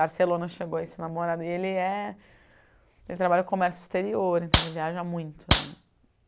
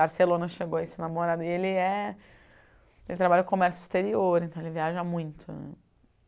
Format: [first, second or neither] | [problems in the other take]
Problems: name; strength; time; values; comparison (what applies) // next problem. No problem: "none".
second | background sound (Clapping); 1 dB above the speech